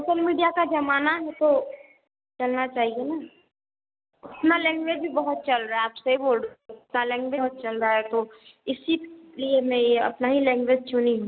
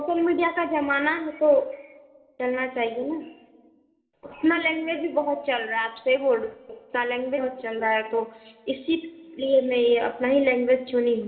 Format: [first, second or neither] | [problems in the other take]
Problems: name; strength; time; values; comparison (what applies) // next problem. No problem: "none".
first | room echo; dies away in 2.8 s